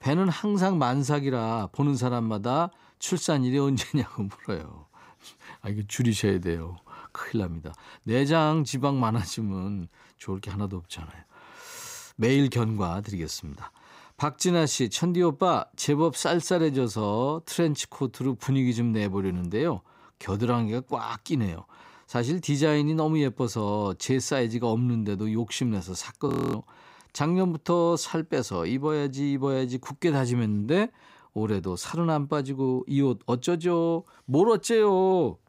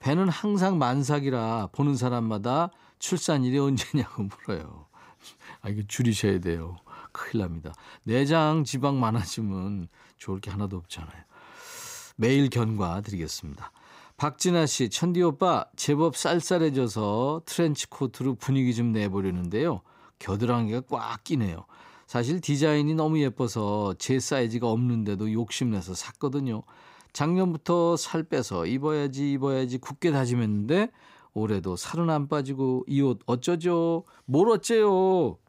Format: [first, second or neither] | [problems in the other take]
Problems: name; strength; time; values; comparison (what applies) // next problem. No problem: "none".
second | audio freezing; at 26 s